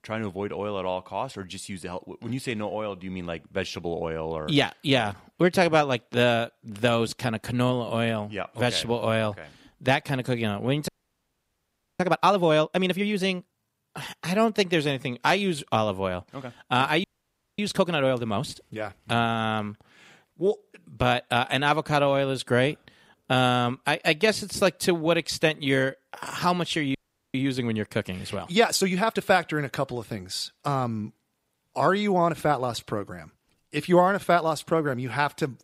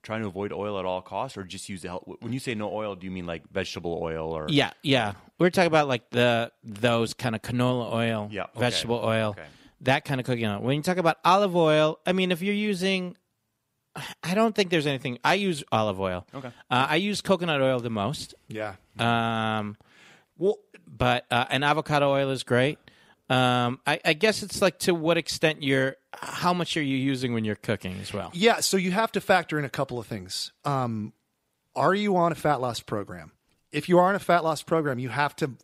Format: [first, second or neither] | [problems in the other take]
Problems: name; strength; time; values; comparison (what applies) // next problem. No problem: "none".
second | audio freezing; at 11 s for 1 s, at 17 s for 0.5 s and at 27 s